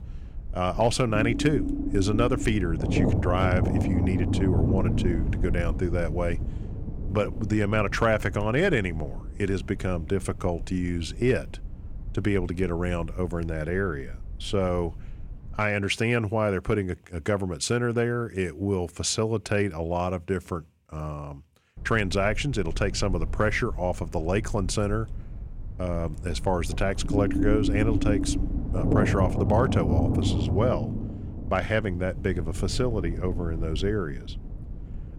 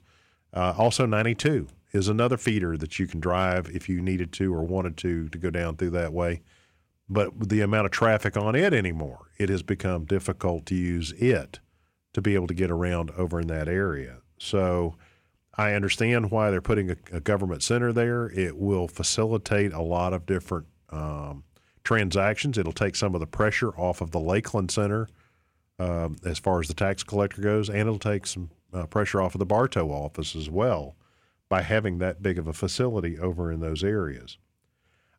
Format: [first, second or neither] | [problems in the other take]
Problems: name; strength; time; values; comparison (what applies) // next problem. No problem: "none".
second | low rumble; loud; until 16 s and from 22 s on; 7 dB below the speech